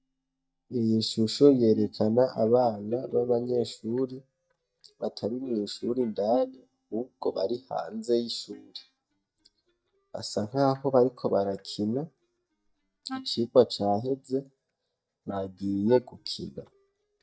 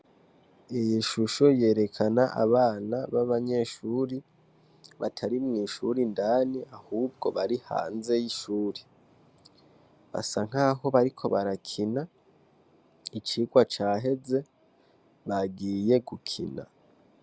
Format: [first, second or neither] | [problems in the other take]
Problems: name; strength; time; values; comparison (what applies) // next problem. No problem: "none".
second | noise reduction (neural mask model DeepFilterNet 3)